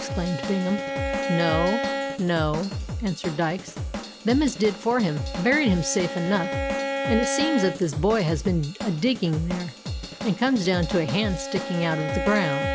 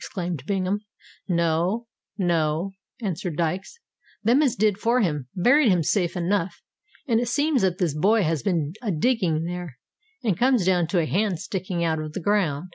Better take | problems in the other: second | background sound (Bowed string instrument + Drum / Drum kit); 5 dB below the speech

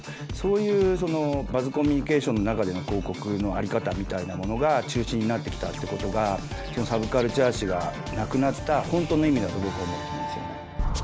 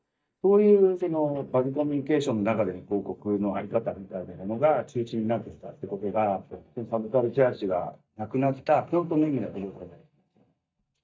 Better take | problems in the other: first | noise reduction (neural mask model DeepFilterNet 3)

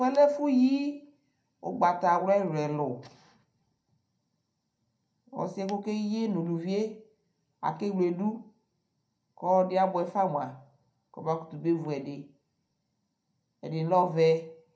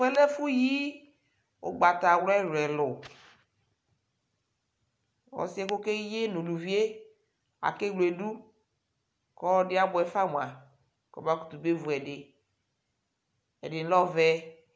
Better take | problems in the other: second | room echo; dies away in 0.3 s

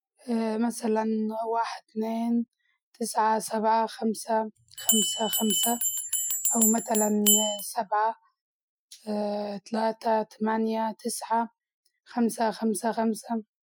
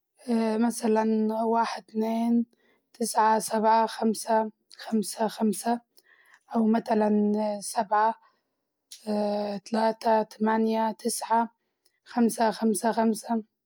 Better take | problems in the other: second | noise reduction (classical method Wiener filter)

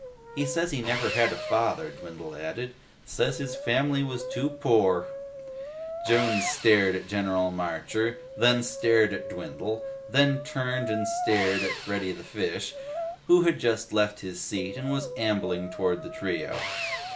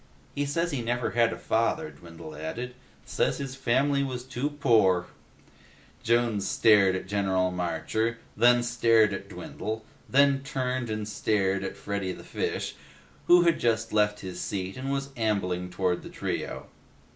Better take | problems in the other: second | background sound (Brass instrument + Sawing); 8 dB below the speech

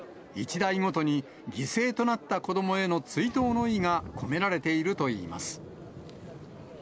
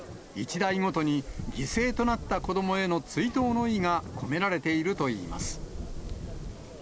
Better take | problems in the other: first | background sound (Wind); 11 dB below the speech

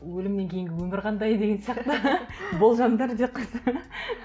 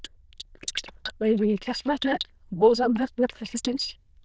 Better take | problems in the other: first | noise reduction (neural diffusion model UNIVERSE++)

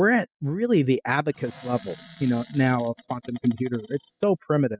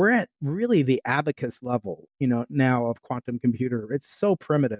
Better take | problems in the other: second | noise reduction (classical method spectral subtraction)

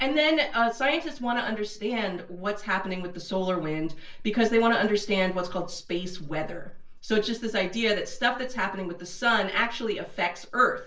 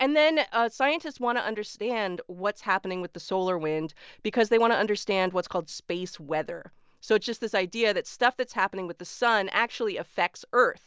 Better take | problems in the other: second | room echo; dies away in 0.3 s

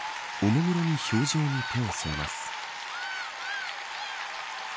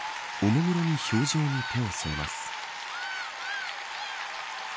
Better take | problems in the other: second | background sound (Splash, splatter); 16 dB below the speech

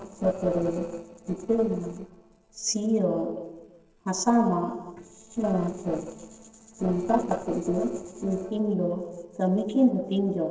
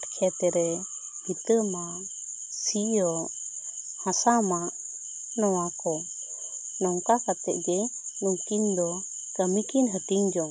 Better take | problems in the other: second | noise reduction (neural separator model SepFormer DNS4)

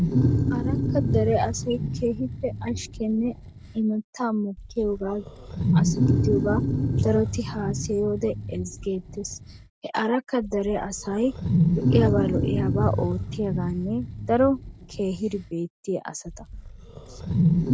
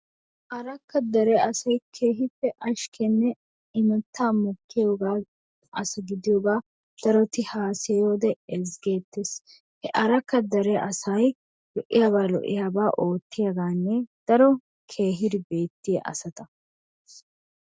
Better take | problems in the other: second | background sound (Wild animals); 1 dB above the speech

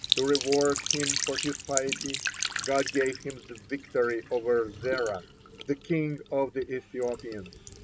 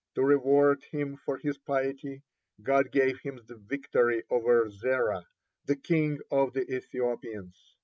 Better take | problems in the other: second | background sound (Trickle, dribble / Sink (filling or washing)); 5 dB below the speech

